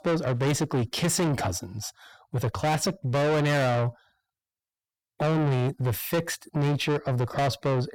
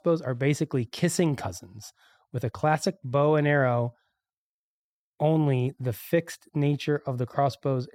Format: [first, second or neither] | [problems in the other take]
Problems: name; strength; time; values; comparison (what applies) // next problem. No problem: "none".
second | distortion; heavy; 6 dB below the speech